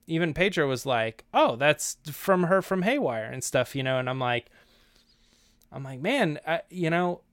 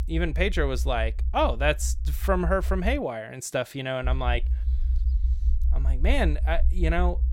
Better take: first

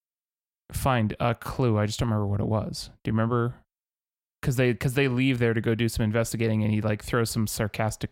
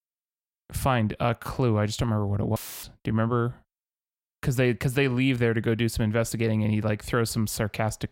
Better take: first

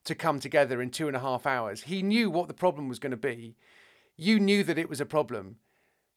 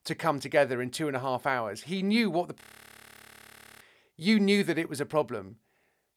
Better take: first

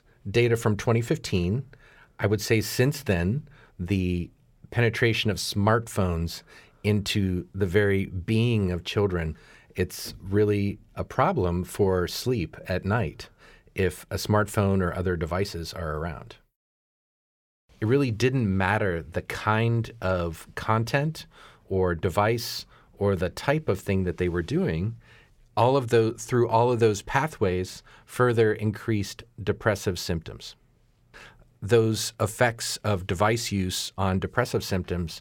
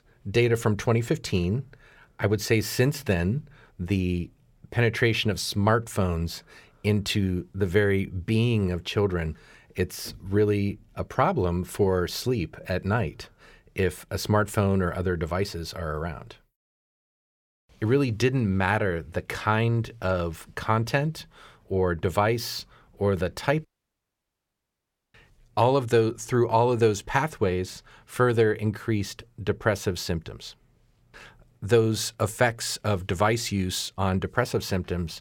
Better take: first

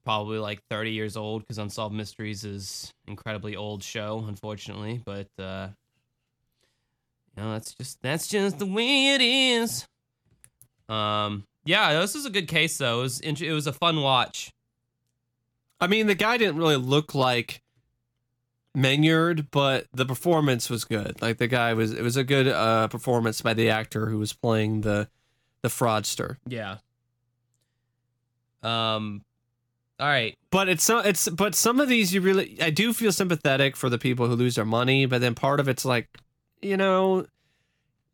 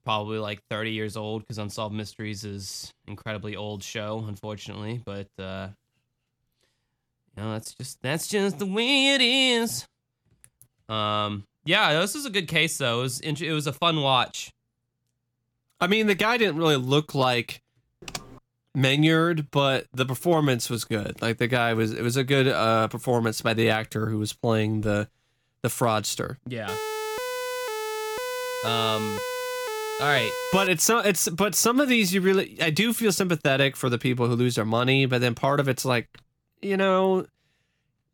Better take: first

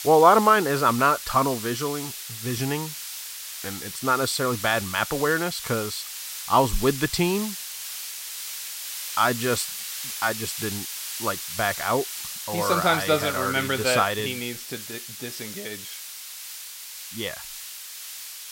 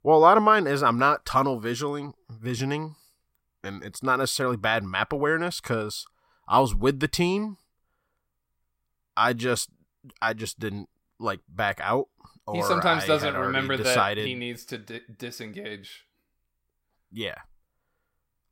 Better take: second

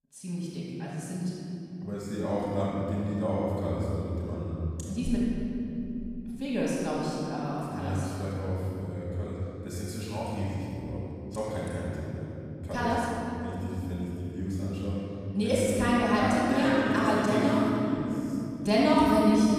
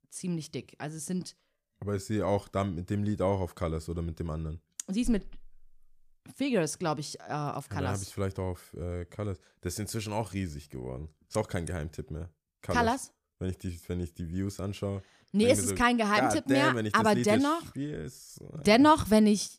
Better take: second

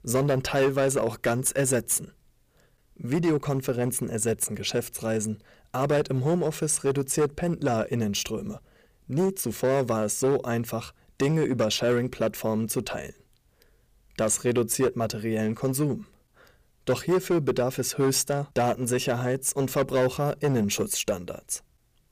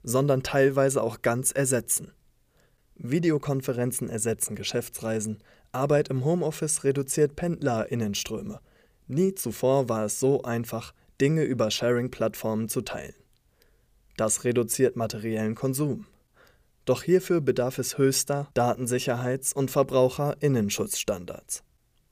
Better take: second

